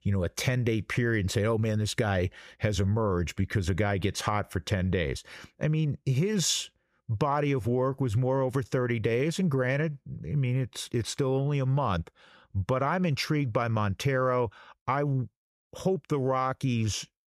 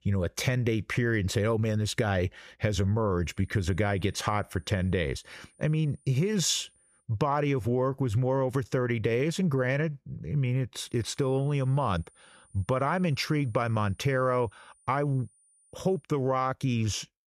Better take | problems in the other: first | high-pitched whine; faint; from 3 to 7 s and from 11 to 16 s; 9.5 kHz, 30 dB below the speech

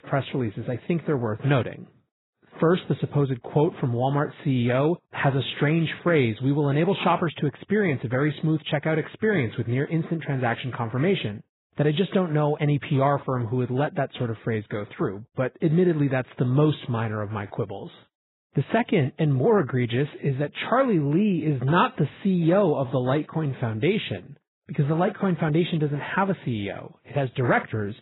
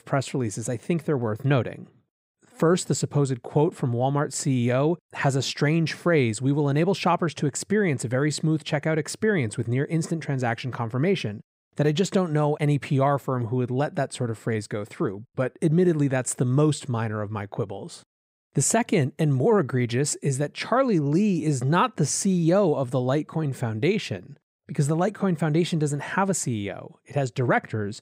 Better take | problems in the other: second | garbled, watery; badly; nothing above 4 kHz

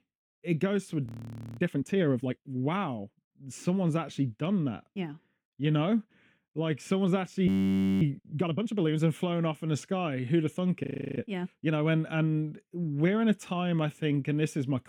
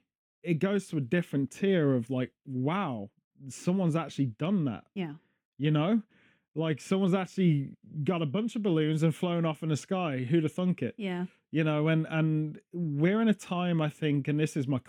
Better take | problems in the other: second | audio freezing; at 1 s for 0.5 s, at 7.5 s for 0.5 s and at 11 s

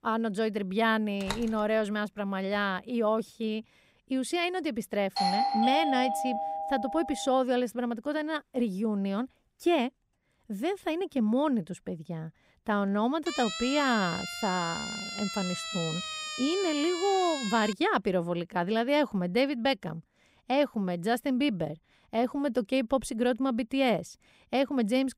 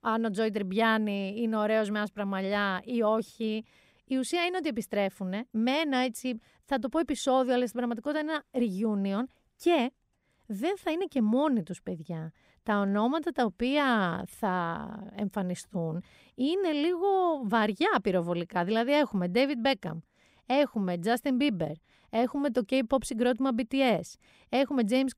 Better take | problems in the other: second | door banging; noticeable; at 1 s; peak 8 dB below the speech // doorbell; loud; from 5 to 7.5 s; peak 3 dB above the speech // siren; noticeable; from 13 to 18 s; peak 4 dB below the speech

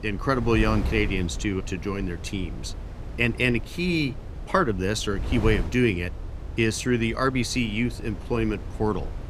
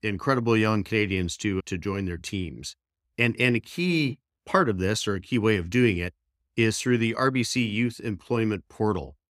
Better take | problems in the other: second | wind noise on the microphone; occasional gusts; 15 dB below the speech

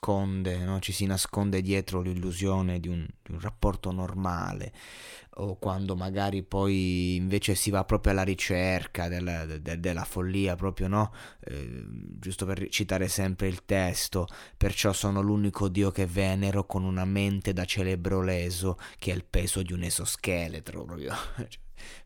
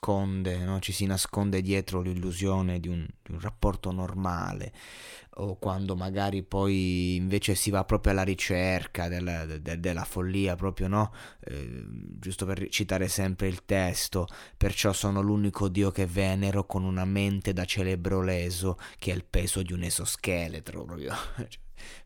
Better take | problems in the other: neither | none

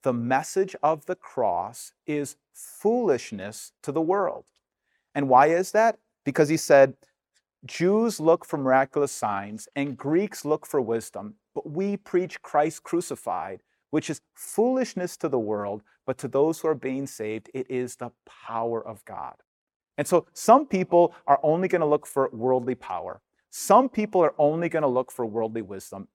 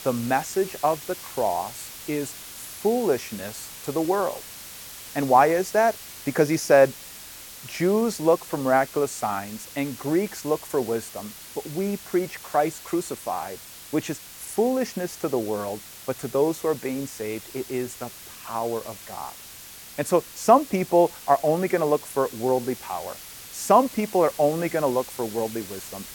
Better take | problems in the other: first | hiss; noticeable; throughout; 15 dB below the speech

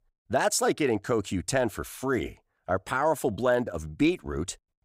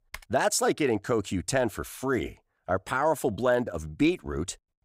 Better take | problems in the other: first | keyboard typing; faint; at the start; peak 15 dB below the speech

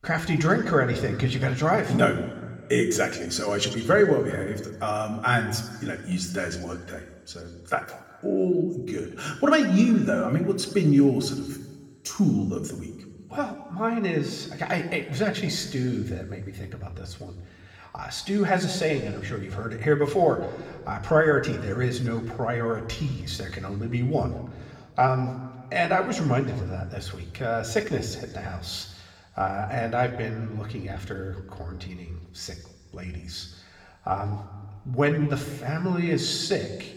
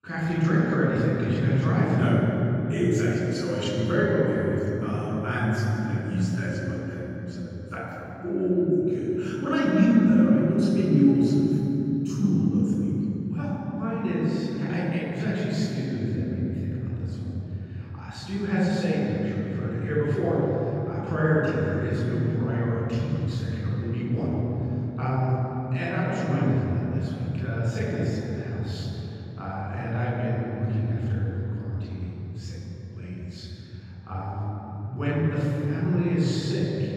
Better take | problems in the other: first | room echo; strong; dies away in 3 s; slight in the first // off-mic speech; far

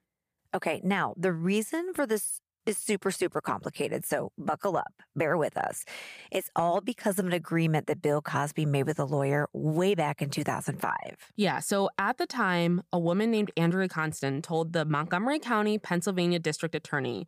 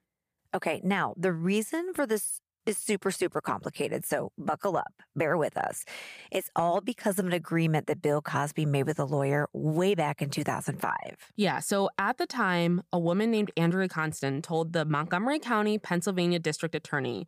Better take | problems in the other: neither | none

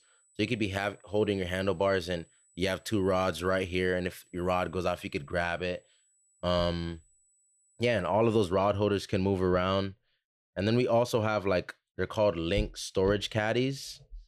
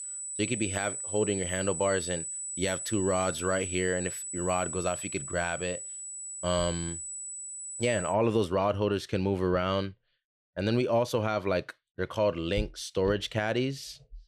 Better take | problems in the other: first | high-pitched whine; loud; until 8 s; 8 kHz, 5 dB below the speech; faint in the first

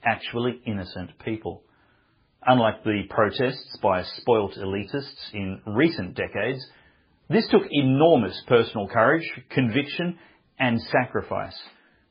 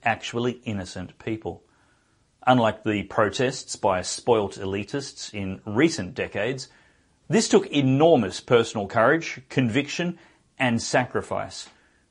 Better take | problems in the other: second | garbled, watery; badly; nothing above 5 kHz; slightly in the second

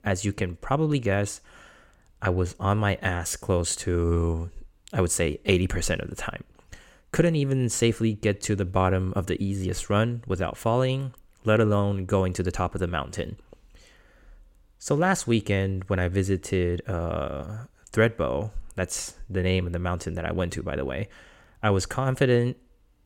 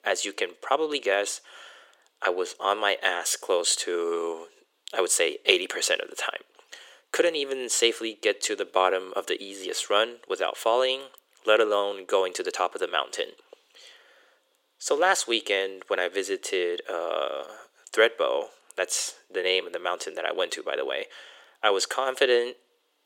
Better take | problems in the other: first | thin; very; fading below 400 Hz

